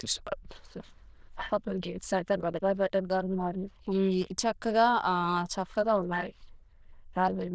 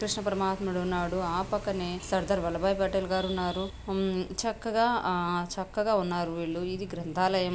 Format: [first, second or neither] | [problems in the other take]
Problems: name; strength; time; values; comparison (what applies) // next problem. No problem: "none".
second | noise reduction (neural diffusion model UNIVERSE++)